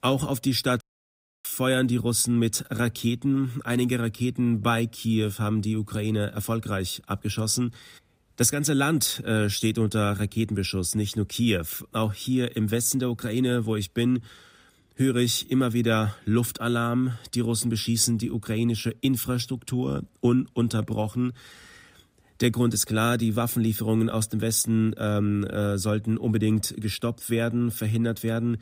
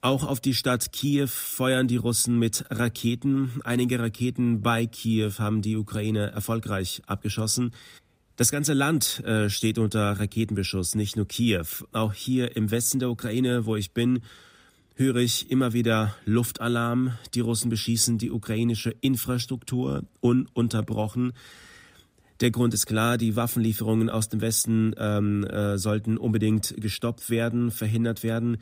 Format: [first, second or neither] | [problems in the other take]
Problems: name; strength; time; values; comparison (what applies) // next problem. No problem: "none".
second | audio cutting out; at 1 s for 0.5 s